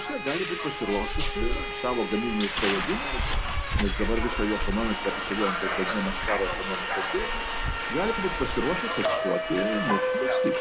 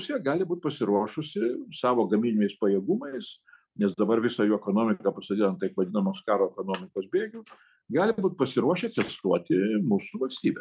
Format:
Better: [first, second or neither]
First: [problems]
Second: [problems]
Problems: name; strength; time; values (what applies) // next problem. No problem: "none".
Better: second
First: background sound (Subway, metro, underground); 2 dB above the speech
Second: none